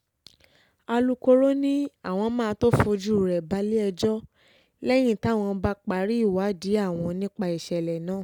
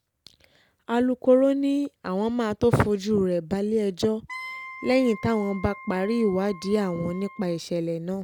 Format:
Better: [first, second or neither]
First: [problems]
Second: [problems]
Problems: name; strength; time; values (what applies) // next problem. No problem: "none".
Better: first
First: none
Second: background sound (Wind instrument, woodwind instrument); 17 dB below the speech